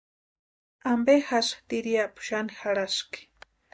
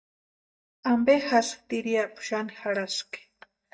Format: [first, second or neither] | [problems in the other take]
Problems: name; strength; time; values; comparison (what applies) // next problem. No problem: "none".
first | noise reduction (neural mask model DeepFilterNet 3)